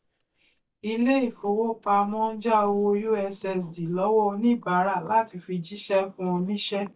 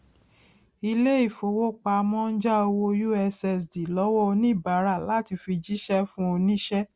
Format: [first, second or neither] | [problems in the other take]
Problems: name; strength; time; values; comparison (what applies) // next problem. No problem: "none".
second | noise reduction (neural mask model DeepFilterNet 3)